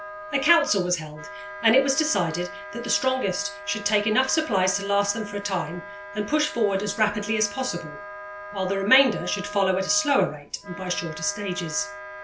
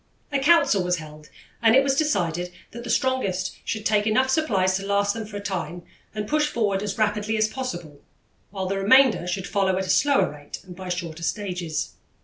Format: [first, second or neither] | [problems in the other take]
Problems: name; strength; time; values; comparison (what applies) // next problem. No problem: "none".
second | background sound (Wind instrument, woodwind instrument); 12 dB below the speech